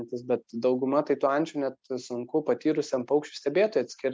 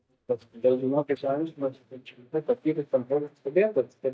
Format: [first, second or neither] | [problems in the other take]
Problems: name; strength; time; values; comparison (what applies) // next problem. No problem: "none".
first | noise reduction (neural mask model DeepFilterNet 3)